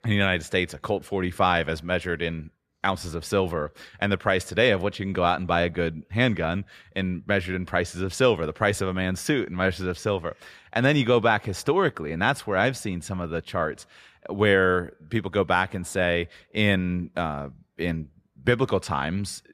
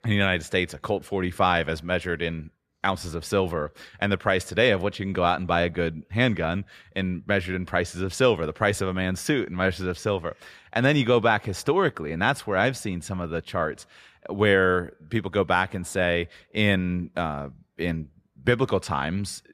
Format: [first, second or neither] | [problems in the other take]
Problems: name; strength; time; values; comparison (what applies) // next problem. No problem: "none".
neither | none